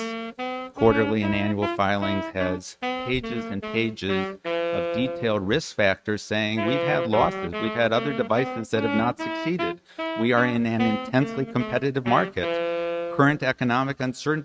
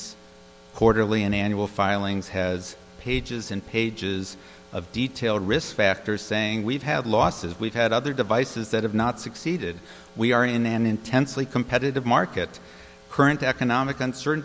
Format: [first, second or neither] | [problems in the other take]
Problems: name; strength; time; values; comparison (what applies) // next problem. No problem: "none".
second | noise reduction (neural mask model RNNoise)